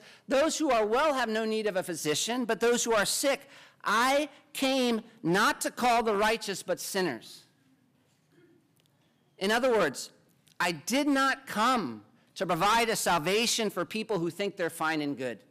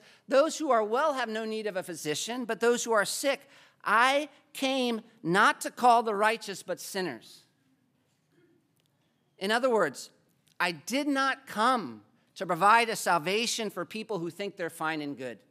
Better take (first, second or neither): second